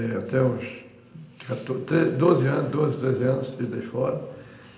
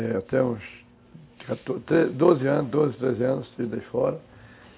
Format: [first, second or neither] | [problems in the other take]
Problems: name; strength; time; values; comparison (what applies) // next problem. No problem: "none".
second | room echo; dies away in 0.9 s